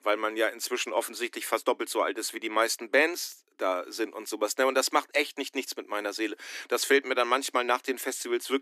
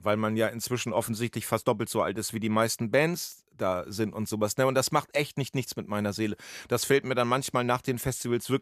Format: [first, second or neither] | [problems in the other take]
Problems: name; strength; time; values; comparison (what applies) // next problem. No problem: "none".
second | thin; somewhat; fading below 250 Hz